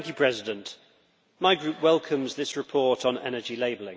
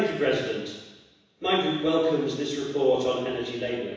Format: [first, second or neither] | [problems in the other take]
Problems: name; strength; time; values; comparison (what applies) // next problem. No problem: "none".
first | room echo; dies away in 1.1 s